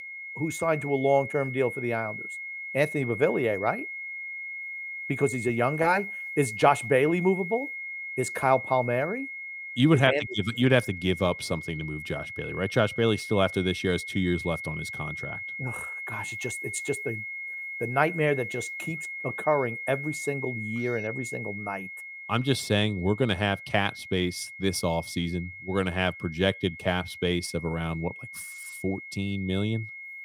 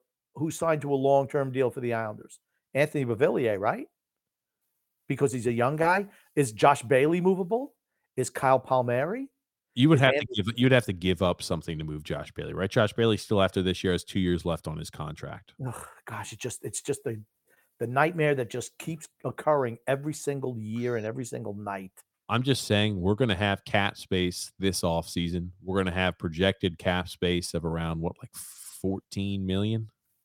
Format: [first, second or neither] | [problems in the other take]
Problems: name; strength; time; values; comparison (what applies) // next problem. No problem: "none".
second | high-pitched whine; loud; throughout; 2 kHz, 8 dB below the speech